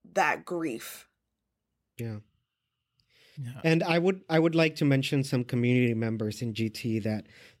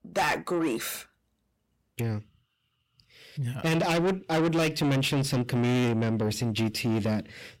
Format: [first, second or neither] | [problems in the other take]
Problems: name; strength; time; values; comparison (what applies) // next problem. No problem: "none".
first | distortion; heavy; 6 dB below the speech